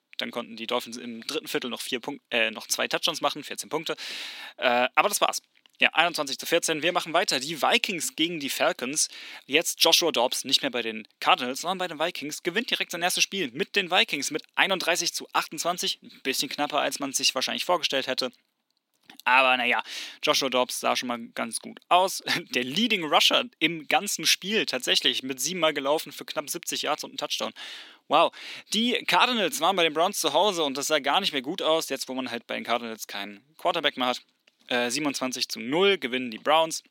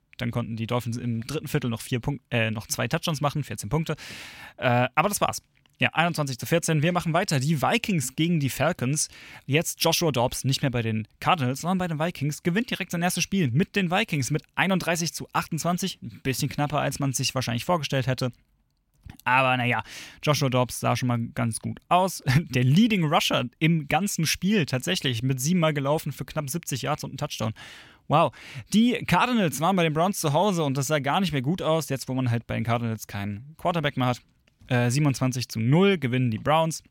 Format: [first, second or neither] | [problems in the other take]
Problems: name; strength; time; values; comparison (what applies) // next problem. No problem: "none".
second | thin; somewhat; fading below 300 Hz